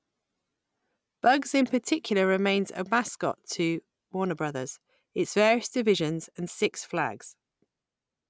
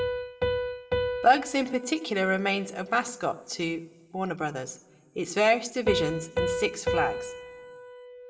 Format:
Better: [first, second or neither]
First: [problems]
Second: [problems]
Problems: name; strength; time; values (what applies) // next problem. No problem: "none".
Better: first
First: none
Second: background sound (Piano); 5 dB below the speech // room echo; dies away in 0.4 s